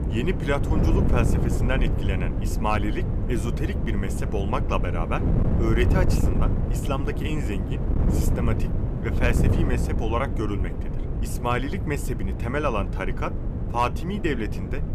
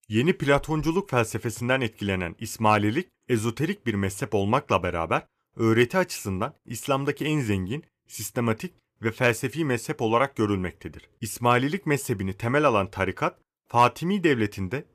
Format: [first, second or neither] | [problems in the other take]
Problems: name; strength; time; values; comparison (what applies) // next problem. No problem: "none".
second | wind noise on the microphone; heavy; 6 dB below the speech